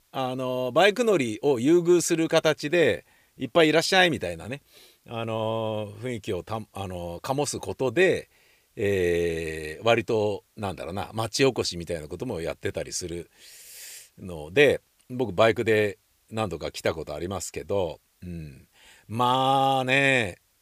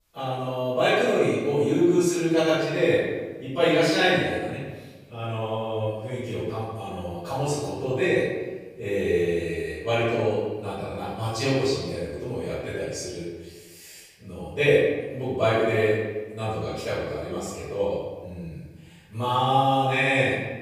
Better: first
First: none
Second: off-mic speech; far // room echo; strong; dies away in 1.2 s

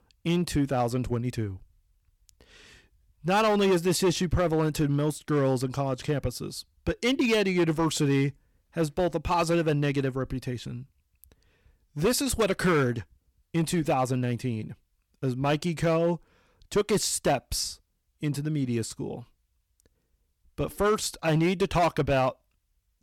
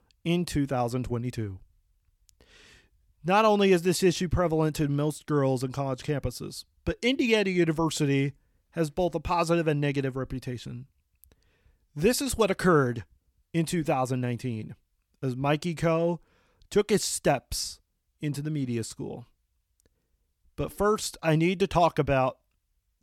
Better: second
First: distortion; slight; 5% of the sound clipped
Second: none

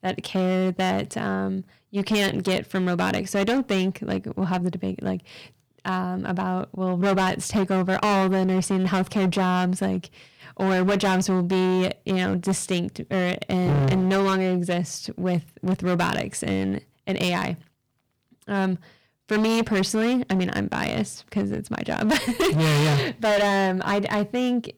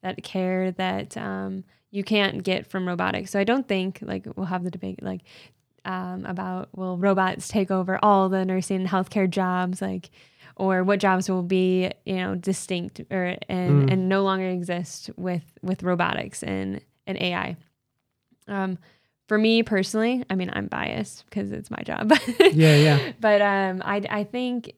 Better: second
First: distortion; heavy; 15% of the sound clipped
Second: none

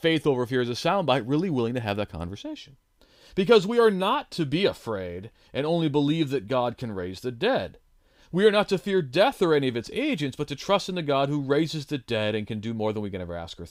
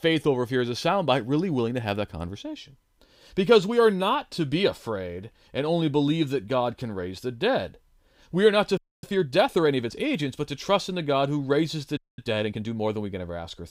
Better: first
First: none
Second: audio freezing; at 9 s and at 12 s

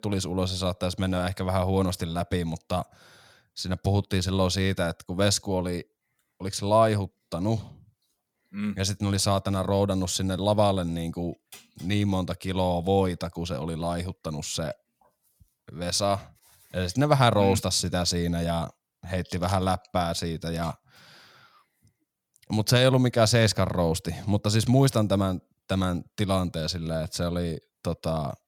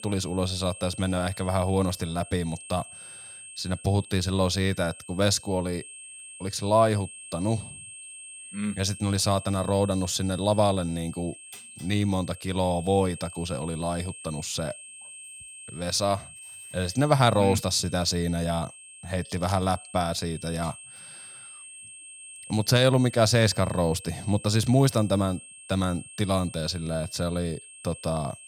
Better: first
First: none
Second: high-pitched whine; noticeable; throughout; 8.5 kHz, 15 dB below the speech

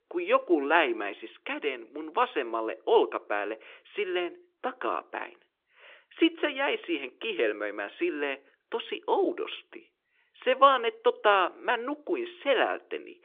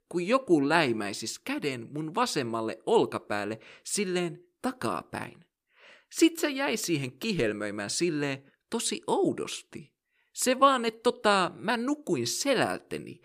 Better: second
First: phone-call audio; nothing above 3.5 kHz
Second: none

